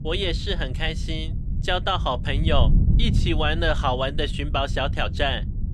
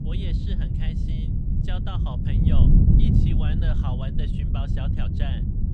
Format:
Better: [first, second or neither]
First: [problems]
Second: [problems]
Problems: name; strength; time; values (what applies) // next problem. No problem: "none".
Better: first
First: wind noise on the microphone; occasional gusts; 15 dB below the speech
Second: wind noise on the microphone; heavy; 4 dB above the speech